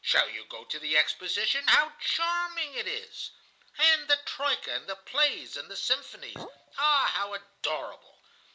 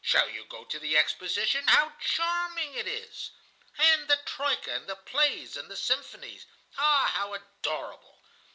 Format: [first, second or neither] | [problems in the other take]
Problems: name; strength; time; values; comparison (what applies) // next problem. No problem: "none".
second | background sound (Chink, clink); 20 dB below the speech